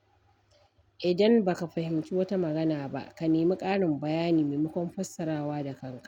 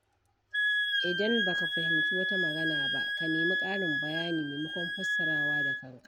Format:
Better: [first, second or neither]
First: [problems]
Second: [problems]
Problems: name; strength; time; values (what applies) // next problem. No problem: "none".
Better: first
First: none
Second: background sound (Wind instrument, woodwind instrument); 5 dB above the speech